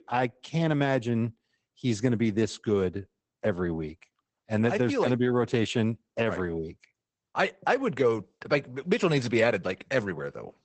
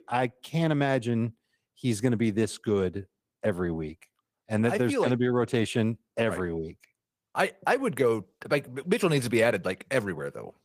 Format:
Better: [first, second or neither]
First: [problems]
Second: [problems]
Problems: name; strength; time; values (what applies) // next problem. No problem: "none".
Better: second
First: garbled, watery; badly; nothing above 8 kHz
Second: garbled, watery; slightly; nothing above 15 kHz